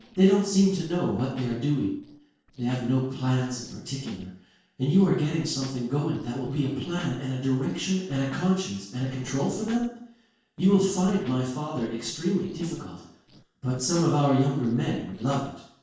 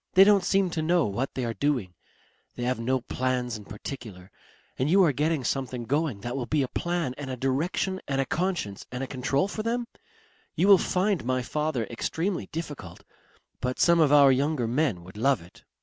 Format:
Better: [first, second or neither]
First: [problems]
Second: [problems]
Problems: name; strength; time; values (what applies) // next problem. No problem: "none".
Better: second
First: noise reduction (neural separator model SepFormer DNS4)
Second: none